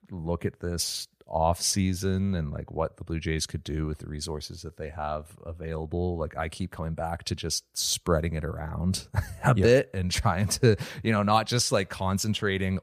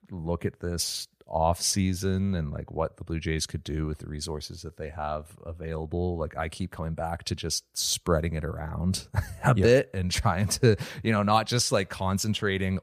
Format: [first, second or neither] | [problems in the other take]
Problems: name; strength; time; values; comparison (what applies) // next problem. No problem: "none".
neither | none